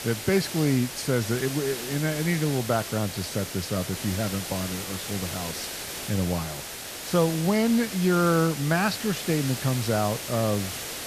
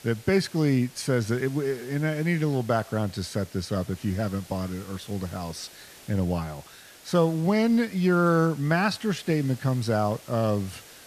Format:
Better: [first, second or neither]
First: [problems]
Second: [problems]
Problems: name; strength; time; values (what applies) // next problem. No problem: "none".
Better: second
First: hiss; loud; throughout; 7 dB below the speech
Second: hiss; faint; throughout; 20 dB below the speech